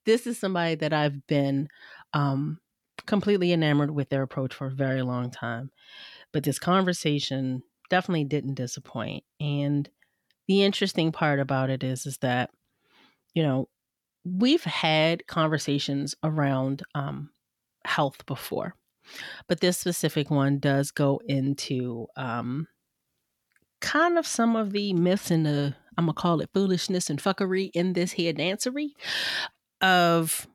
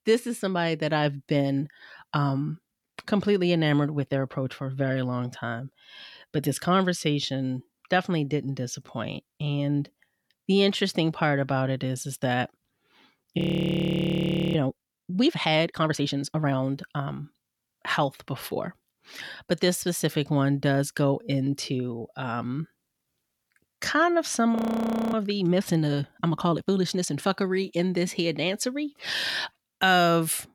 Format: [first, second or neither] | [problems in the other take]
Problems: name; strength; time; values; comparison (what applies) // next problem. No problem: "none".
first | audio freezing; at 13 s for 1 s and at 25 s for 0.5 s